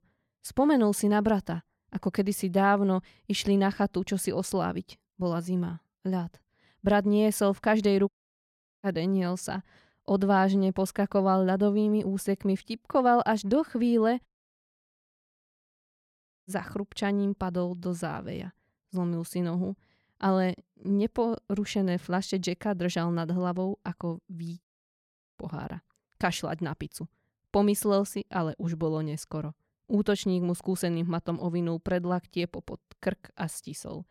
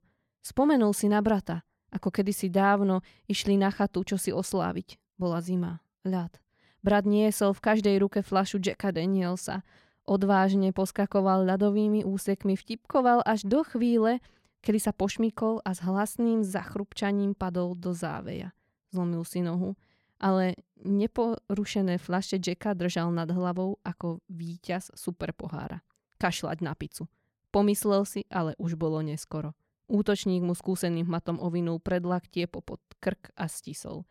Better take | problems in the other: second | audio cutting out; at 8 s for 0.5 s, at 14 s for 2 s and at 25 s for 0.5 s

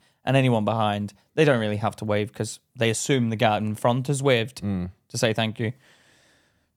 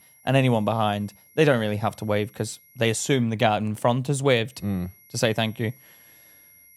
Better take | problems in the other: first | high-pitched whine; faint; until 3 s and from 4.5 s on; 11.5 kHz, 30 dB below the speech

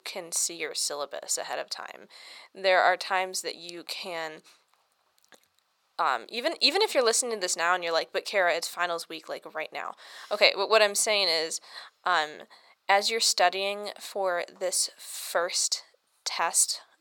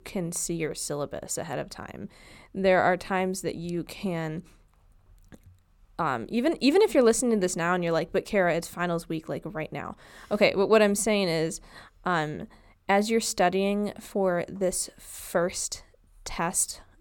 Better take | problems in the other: second | thin; very; fading below 750 Hz

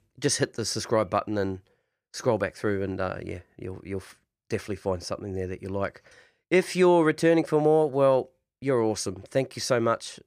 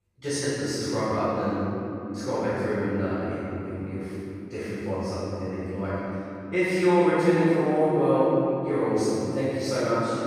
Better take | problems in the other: first | room echo; strong; dies away in 3 s // off-mic speech; far

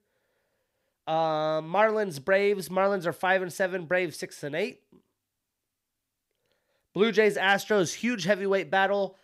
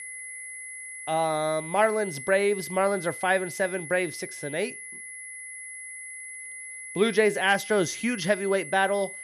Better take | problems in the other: first | high-pitched whine; noticeable; throughout; 2 kHz, 10 dB below the speech

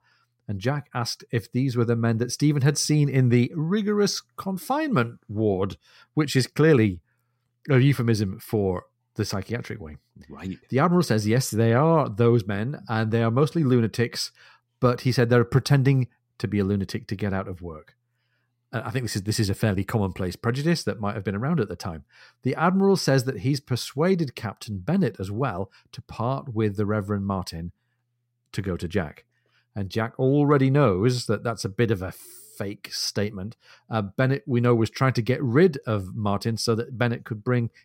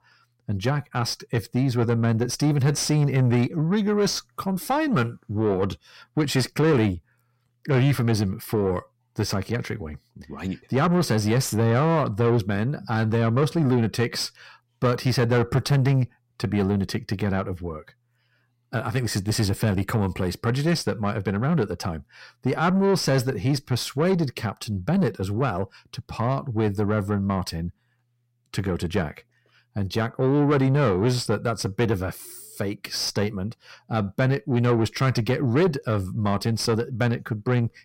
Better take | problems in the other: first | distortion; slight; 10 dB below the speech

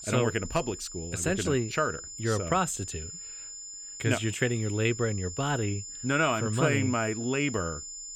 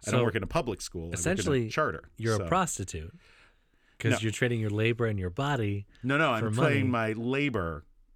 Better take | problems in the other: second | high-pitched whine; loud; throughout; 7 kHz, 10 dB below the speech

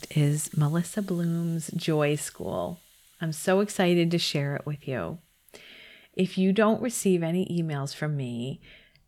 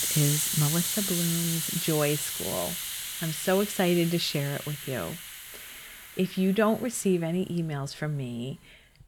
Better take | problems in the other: first | hiss; loud; throughout; 2 dB below the speech; faint in the first

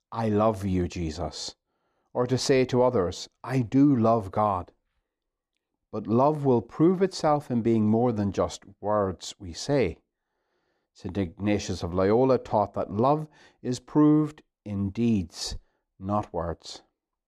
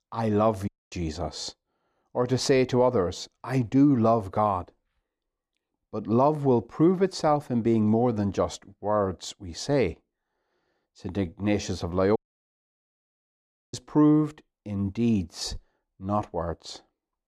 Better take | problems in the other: first | audio cutting out; at 0.5 s and at 12 s for 1.5 s

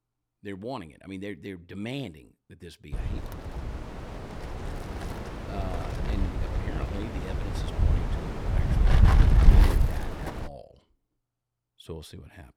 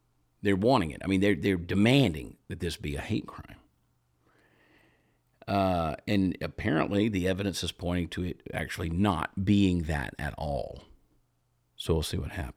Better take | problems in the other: second | wind noise on the microphone; heavy; from 3 to 10 s; 5 dB above the speech

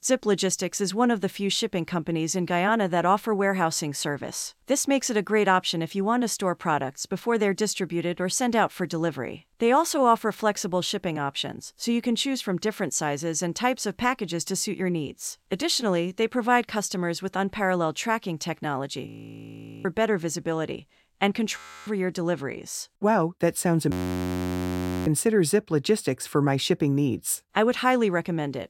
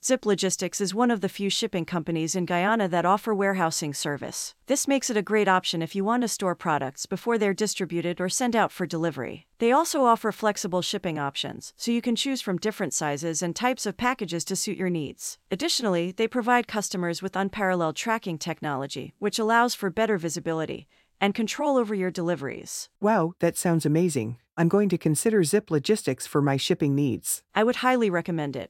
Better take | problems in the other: second | audio freezing; at 19 s for 1 s, at 22 s and at 24 s for 1 s

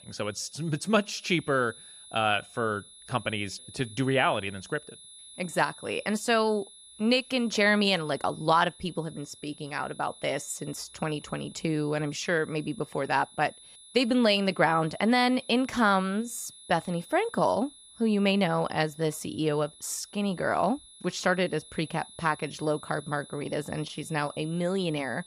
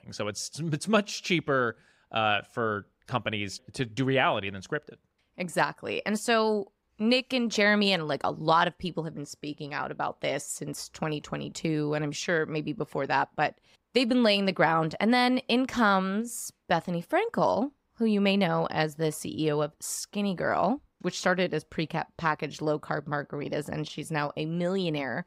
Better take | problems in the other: second | high-pitched whine; noticeable; throughout; 10 kHz, 20 dB below the speech

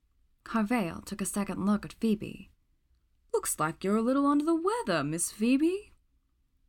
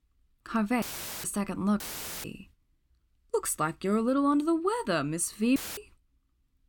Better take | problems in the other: first | audio cutting out; filled with static; at 1 s, at 2 s and at 5.5 s

